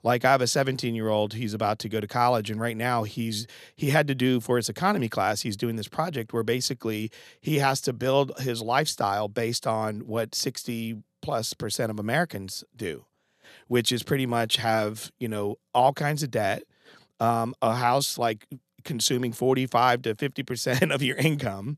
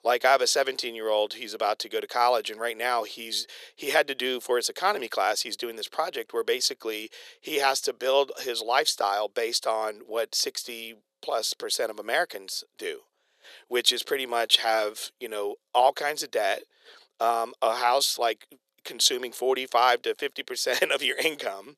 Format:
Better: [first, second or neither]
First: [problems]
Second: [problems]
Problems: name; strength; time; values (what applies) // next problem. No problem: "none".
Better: first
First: none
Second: thin; very; fading below 400 Hz